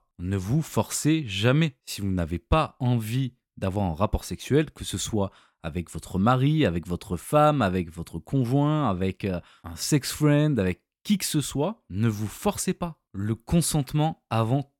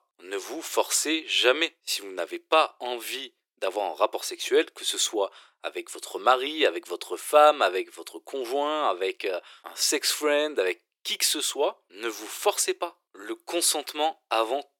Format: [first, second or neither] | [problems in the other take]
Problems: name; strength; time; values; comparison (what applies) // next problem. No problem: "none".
first | thin; very; fading below 350 Hz